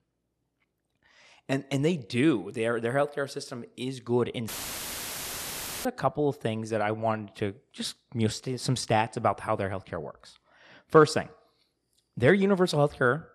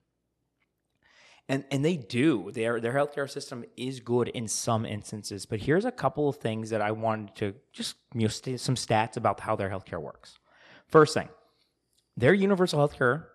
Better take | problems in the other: second | audio cutting out; filled with static; at 4.5 s for 1.5 s

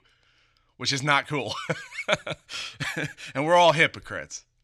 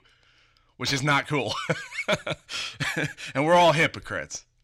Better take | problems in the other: first | distortion; slight; 10 dB below the speech

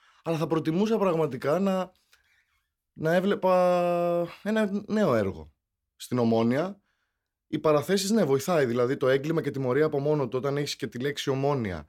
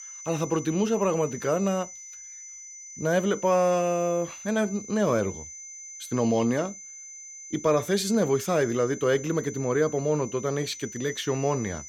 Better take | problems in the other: first | high-pitched whine; noticeable; throughout; 6 kHz, 15 dB below the speech

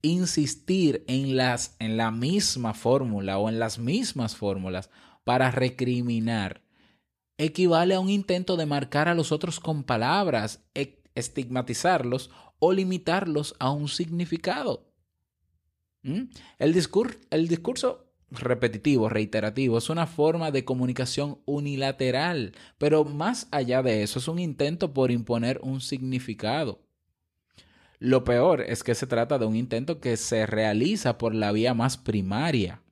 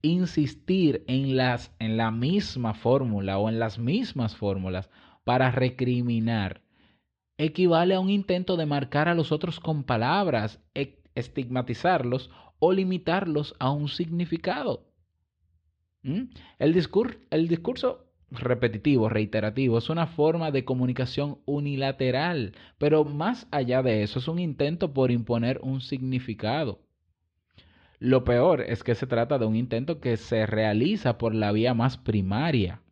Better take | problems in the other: first | muffled; slightly; fading above 3.5 kHz

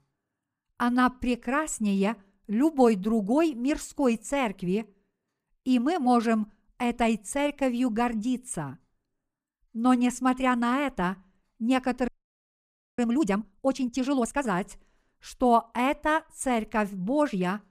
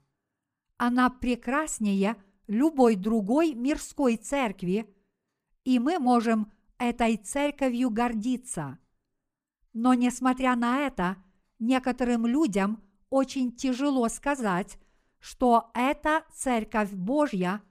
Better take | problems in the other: second | audio freezing; at 12 s for 1 s

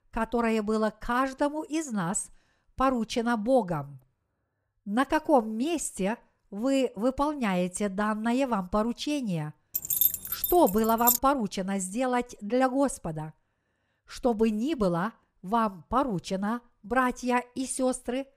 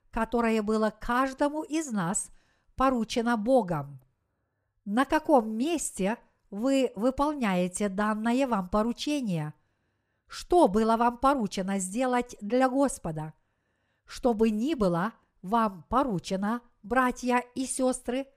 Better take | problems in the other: second | jangling keys; loud; from 10 to 11 s; peak 5 dB above the speech

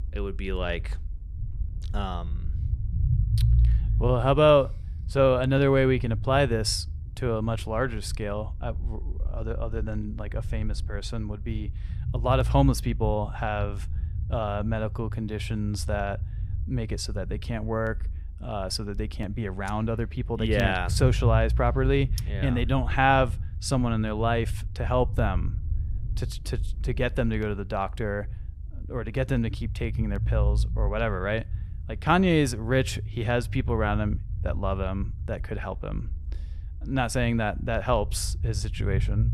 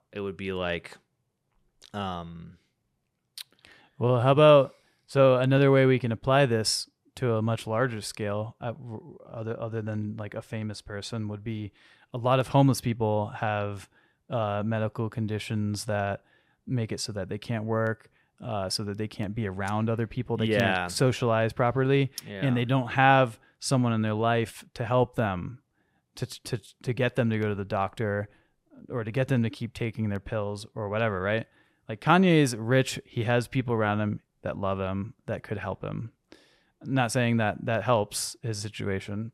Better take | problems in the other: second | low rumble; faint; throughout; 20 dB below the speech

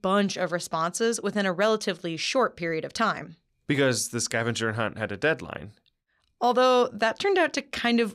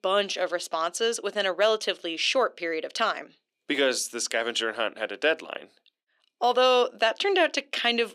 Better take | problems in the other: first | thin; somewhat; fading below 300 Hz

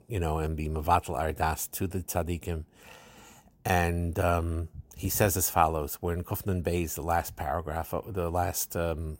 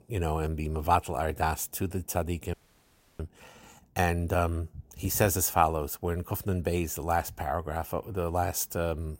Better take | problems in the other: first | audio freezing; at 2.5 s for 0.5 s

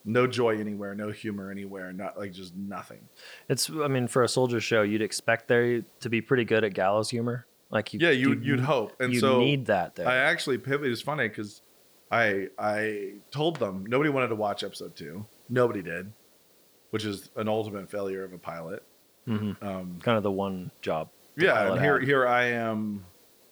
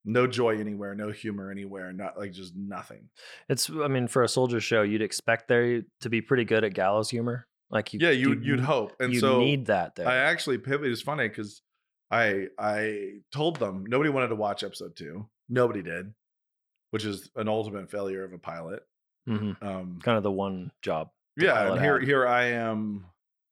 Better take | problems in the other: second | hiss; faint; throughout; 30 dB below the speech

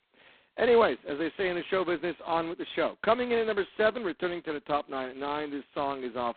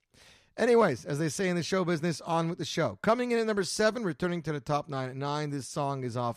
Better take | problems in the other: second | phone-call audio; poor line; nothing above 4 kHz

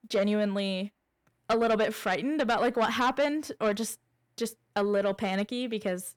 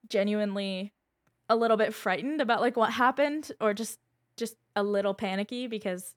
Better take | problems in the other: second | distortion; slight; 10 dB below the speech

